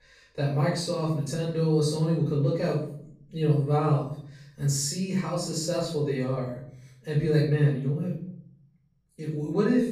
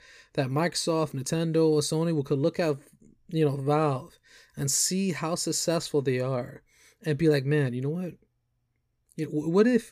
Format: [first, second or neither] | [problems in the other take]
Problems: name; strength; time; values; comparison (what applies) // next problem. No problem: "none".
second | off-mic speech; far // room echo; noticeable; dies away in 0.7 s